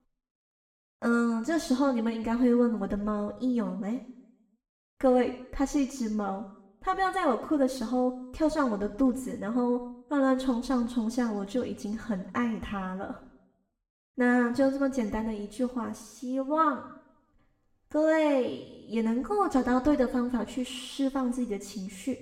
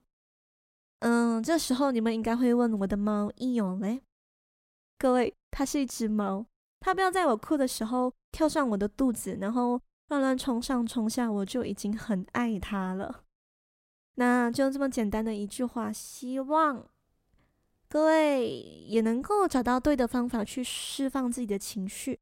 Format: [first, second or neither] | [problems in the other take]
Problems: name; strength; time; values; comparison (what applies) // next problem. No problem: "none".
second | room echo; slight; dies away in 0.7 s // off-mic speech; far